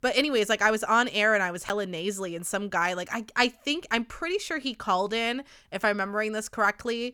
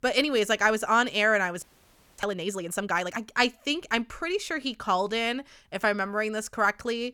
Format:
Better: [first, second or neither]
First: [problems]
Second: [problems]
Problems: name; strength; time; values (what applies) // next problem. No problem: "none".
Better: first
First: none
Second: audio freezing; at 1.5 s for 0.5 s